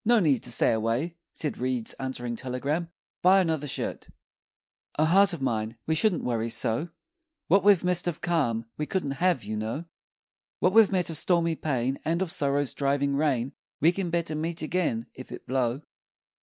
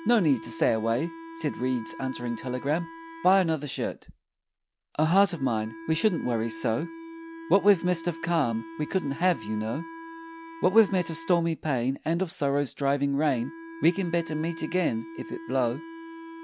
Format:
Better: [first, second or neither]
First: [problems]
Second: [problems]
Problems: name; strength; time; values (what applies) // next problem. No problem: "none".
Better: first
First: none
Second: background sound (Wind instrument, woodwind instrument); 15 dB below the speech